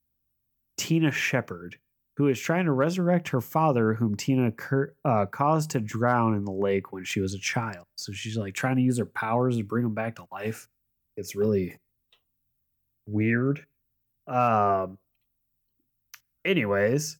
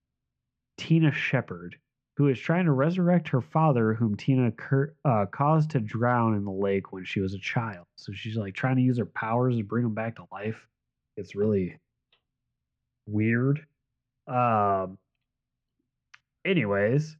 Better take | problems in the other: first | muffled; slightly; fading above 3.5 kHz

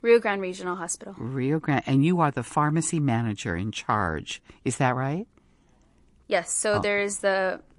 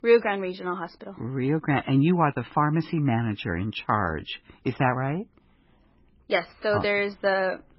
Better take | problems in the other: first | garbled, watery; badly; nothing above 5.5 kHz; slightly in the first

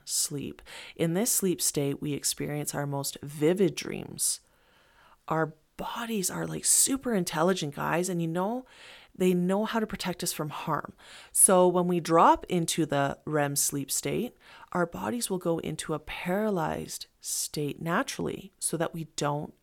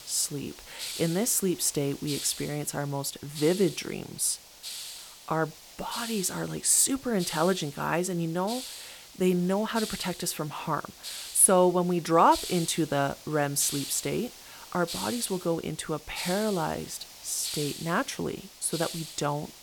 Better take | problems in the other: first | hiss; noticeable; throughout; 10 dB below the speech

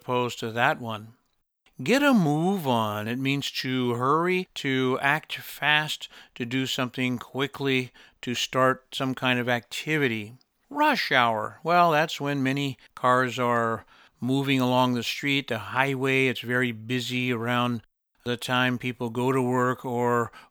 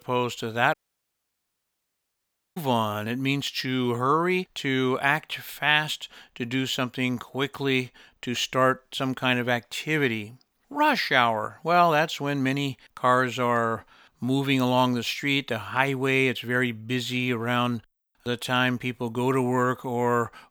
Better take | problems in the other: first | audio cutting out; at 0.5 s for 2 s

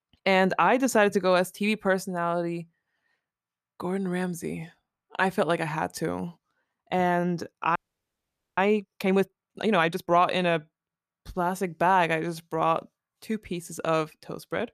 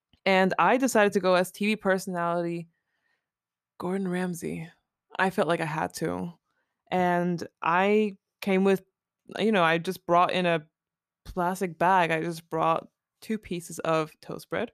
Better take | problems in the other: second | audio freezing; at 8 s for 1 s

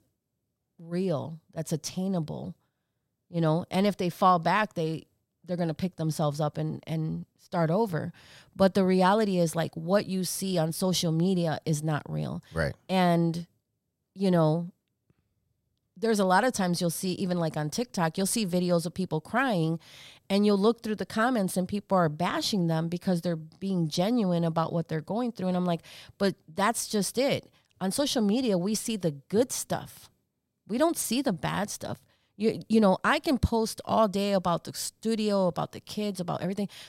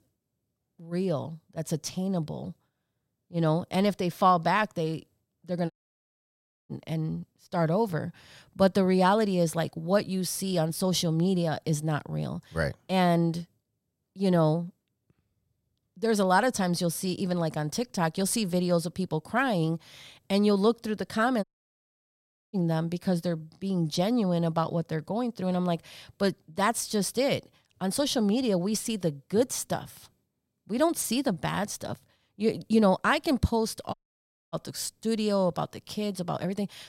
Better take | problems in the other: first | audio cutting out; at 5.5 s for 1 s, at 21 s for 1 s and at 34 s for 0.5 s

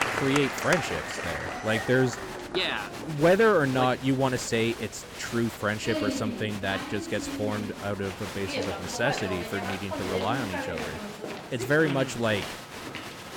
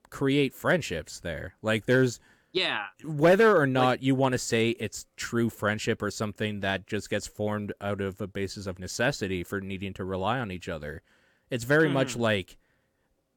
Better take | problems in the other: second | crowd noise; loud; throughout; 6 dB below the speech

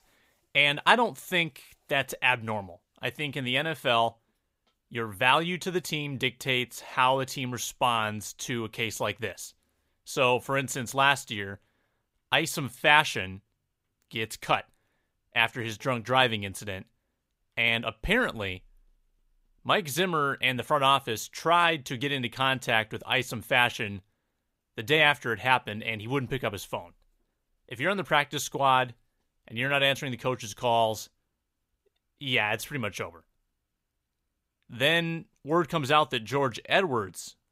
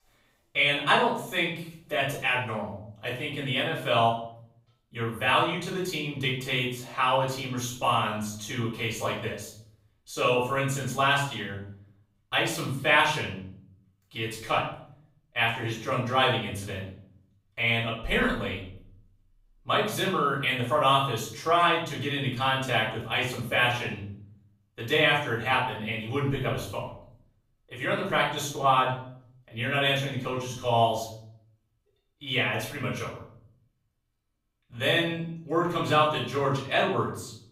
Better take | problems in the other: first | off-mic speech; far // room echo; noticeable; dies away in 0.6 s

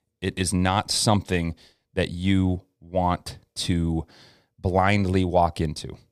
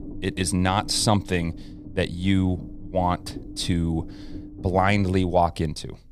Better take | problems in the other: first | low rumble; noticeable; throughout; 20 dB below the speech

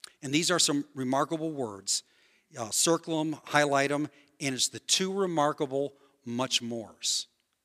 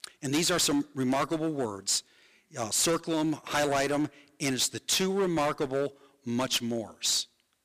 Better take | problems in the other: first | distortion; heavy; 11% of the sound clipped

